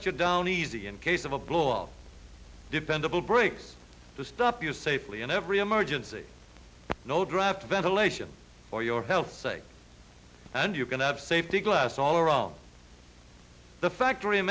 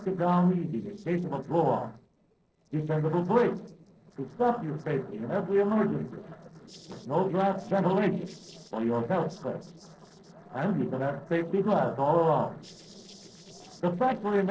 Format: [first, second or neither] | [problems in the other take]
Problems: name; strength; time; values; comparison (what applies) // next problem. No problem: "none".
first | noise reduction (neural separator model SepFormer DNS4)